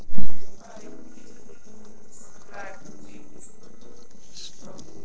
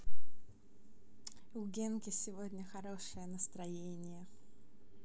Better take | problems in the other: second | noise reduction (neural separator model SepFormer DNS4)

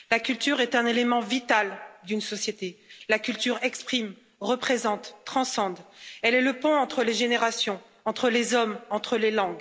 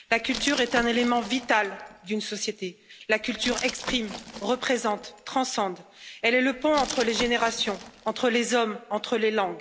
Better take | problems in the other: first | background sound (Glass); 13 dB below the speech

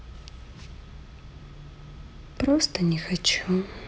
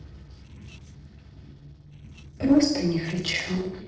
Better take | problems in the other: first | noise reduction (neural separator model SepFormer DNS4)

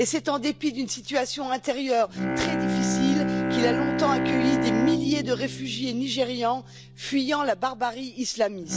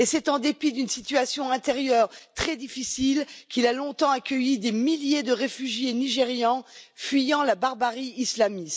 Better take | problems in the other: second | background sound (Bowed string instrument); 2 dB below the speech

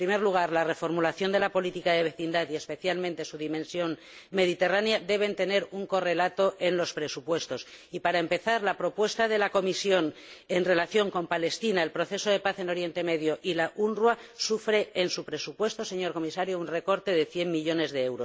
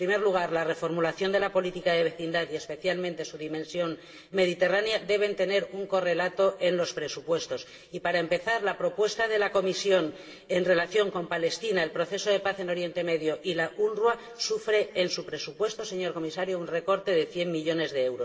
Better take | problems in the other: first | room echo; dies away in 2.6 s

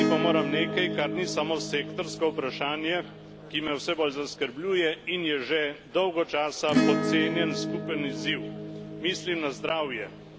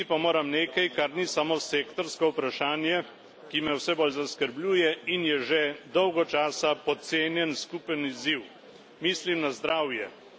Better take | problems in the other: second | background sound (Acoustic guitar / Strum); 3 dB below the speech

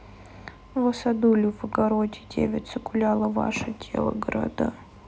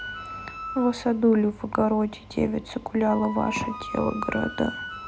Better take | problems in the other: first | background sound (Wind instrument, woodwind instrument); 12 dB below the speech

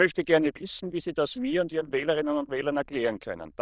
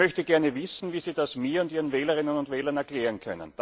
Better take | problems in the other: second | noise reduction (neural diffusion model UNIVERSE++)

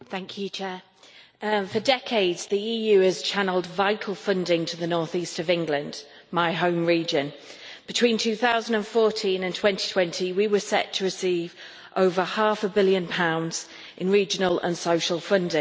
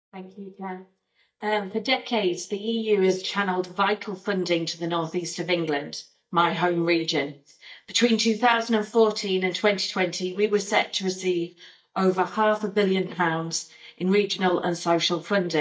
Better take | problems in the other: first | noise reduction (neural mask model DeepFilterNet 3)

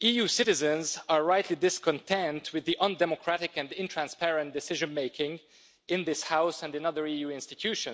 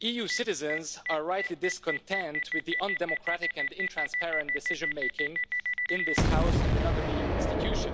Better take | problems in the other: first | background sound (Boom); 4 dB above the speech

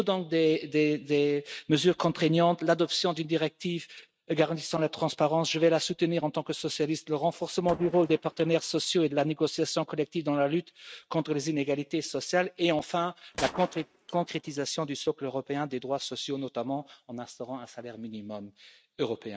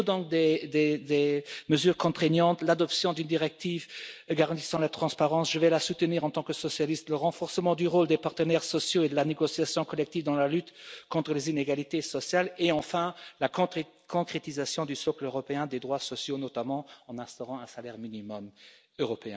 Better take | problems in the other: second | noise reduction (neural mask model RNNoise)

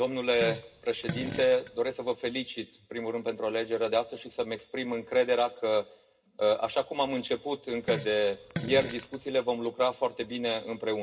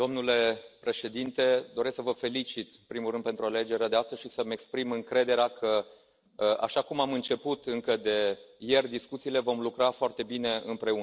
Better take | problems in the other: second | background sound (Fart); 10 dB below the speech // room echo; dies away in 0.2 s

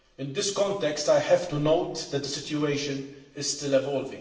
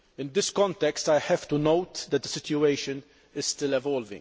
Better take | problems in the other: second | room echo; dies away in 0.9 s

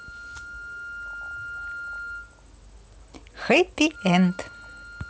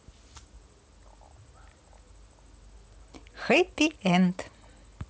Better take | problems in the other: second | background sound (Wind instrument, woodwind instrument); 12 dB below the speech

